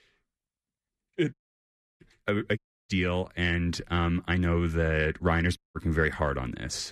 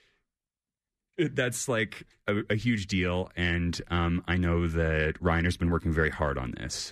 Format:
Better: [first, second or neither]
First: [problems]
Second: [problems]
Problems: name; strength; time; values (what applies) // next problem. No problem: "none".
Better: second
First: audio cutting out; at 1.5 s for 0.5 s, at 2.5 s and at 5.5 s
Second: none